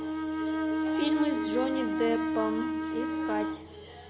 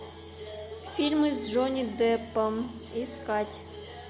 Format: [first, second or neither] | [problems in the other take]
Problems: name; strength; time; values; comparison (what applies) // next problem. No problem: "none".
second | background sound (Bowed string instrument); 3 dB above the speech